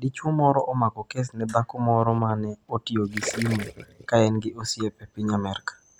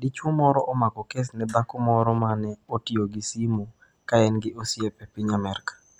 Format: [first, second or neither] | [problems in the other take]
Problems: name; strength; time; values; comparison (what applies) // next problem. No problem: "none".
second | background sound (Gurgling); 12 dB below the speech